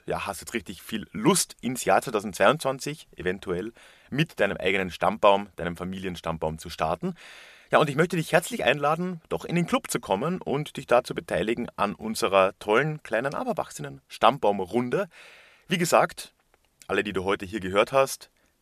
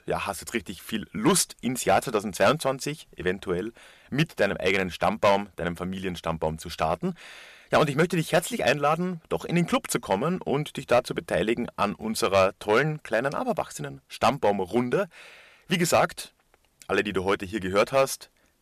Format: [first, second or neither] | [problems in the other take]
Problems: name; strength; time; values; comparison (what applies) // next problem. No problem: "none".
first | distortion; slight; 1.7% of the sound clipped